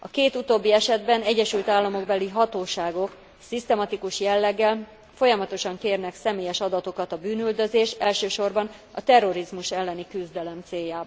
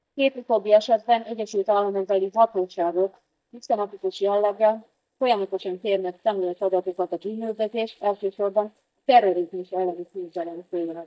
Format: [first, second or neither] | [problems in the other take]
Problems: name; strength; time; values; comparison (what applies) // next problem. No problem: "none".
first | noise reduction (neural mask model DeepFilterNet 3)